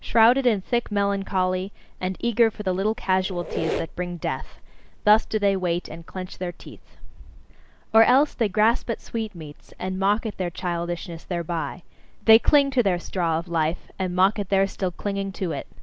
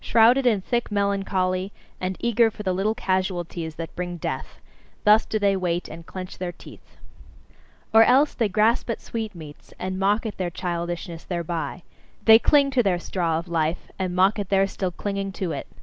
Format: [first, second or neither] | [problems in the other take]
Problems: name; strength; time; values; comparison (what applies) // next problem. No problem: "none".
second | background sound (Squeak); 11 dB below the speech